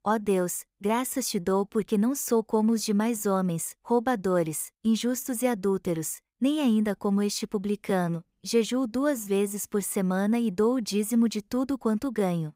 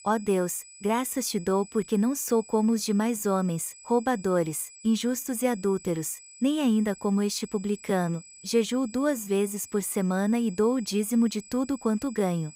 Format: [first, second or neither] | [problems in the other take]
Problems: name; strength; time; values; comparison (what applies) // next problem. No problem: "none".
first | high-pitched whine; noticeable; throughout; 8 kHz, 20 dB below the speech